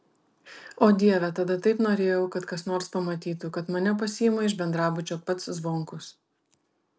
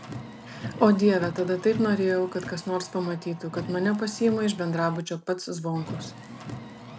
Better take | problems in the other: first | background sound (Car); 13 dB below the speech

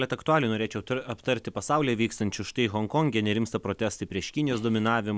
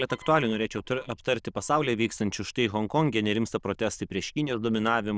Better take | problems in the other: first | noise reduction (neural diffusion model UNIVERSE++)

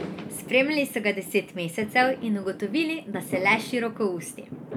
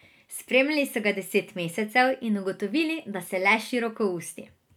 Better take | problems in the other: second | background sound (Fireworks); 12 dB below the speech

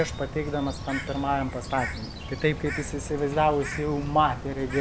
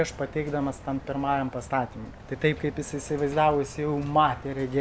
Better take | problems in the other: second | background sound (Bird); 9 dB below the speech

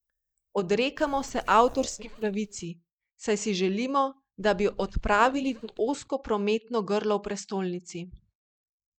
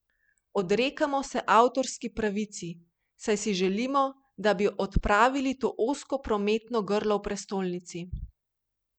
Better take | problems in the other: second | noise reduction (neural mask model DeepFilterNet 3)

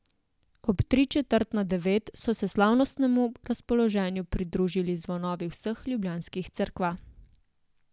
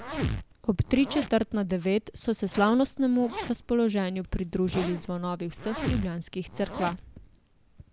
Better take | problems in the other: first | background sound (Zipper (clothing)); 10 dB below the speech

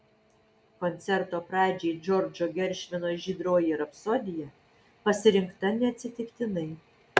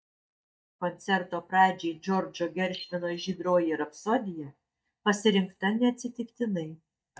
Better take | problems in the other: first | noise reduction (neural mask model DeepFilterNet 3)

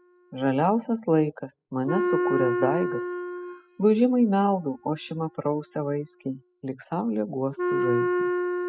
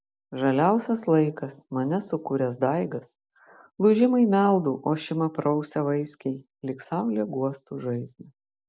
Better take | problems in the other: second | noise reduction (classical method spectral subtraction)

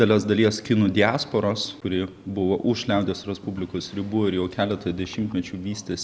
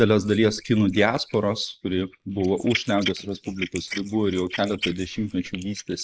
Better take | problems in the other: first | noise reduction (neural mask model Resemble Enhance denoiser)

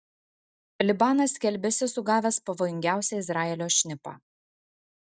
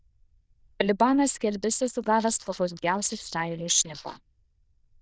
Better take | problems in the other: first | noise reduction (neural diffusion model UNIVERSE++)

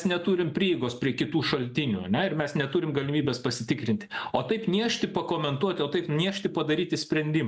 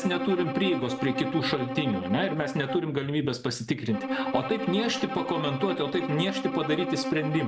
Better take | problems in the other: first | background sound (Bowed string instrument); 5 dB below the speech

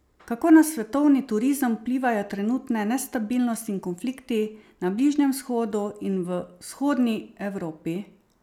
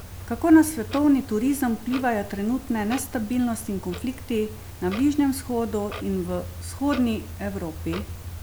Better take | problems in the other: first | background sound (Clock); 12 dB below the speech

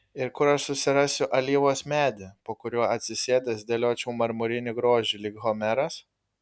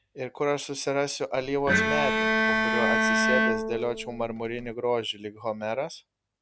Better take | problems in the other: first | background sound (Bowed string instrument); 4 dB above the speech

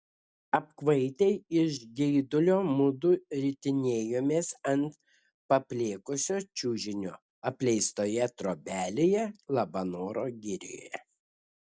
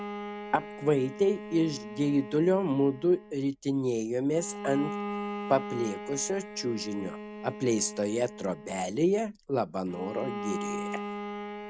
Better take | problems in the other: first | background sound (Bowed string instrument); 10 dB below the speech

